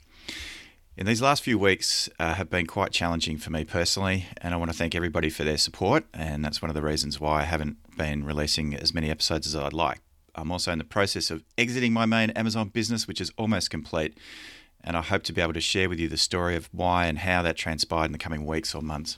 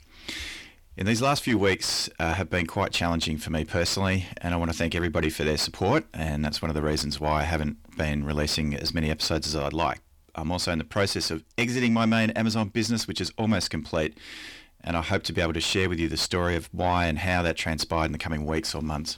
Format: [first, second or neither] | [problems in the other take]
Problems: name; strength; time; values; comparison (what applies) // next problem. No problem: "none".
first | distortion; slight; 10 dB below the speech